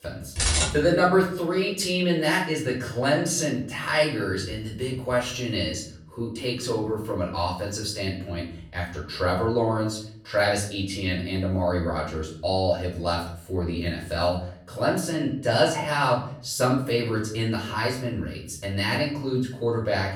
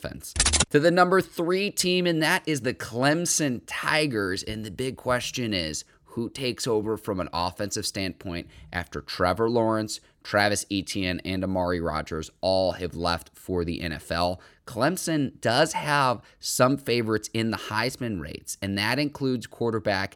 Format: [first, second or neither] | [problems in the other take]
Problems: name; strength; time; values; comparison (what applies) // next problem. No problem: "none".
second | off-mic speech; far // room echo; noticeable; dies away in 0.6 s